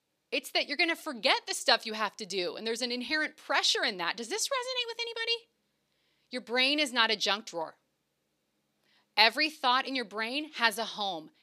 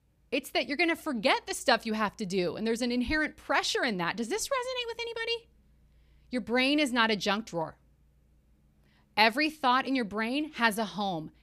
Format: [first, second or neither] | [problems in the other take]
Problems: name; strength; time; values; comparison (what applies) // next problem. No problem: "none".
second | thin; very slightly; fading below 350 Hz